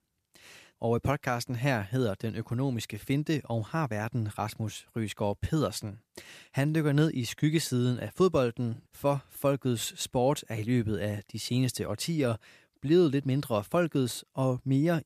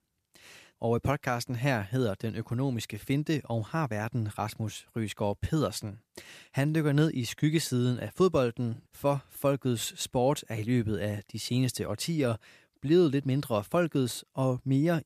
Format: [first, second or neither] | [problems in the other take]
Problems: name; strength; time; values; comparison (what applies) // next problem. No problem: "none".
neither | none